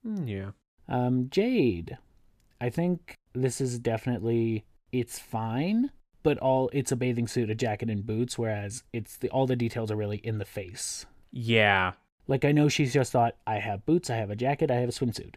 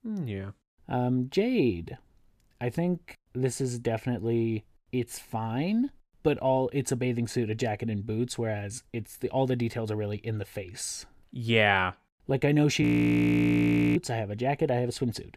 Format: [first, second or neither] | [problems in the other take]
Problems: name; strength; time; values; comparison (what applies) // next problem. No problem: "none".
first | audio freezing; at 13 s for 1 s